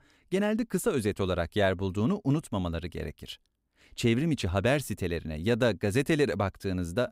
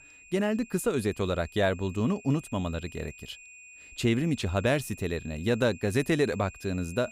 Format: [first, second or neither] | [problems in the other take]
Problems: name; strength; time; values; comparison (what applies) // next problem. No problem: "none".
first | high-pitched whine; noticeable; throughout; 2.5 kHz, 20 dB below the speech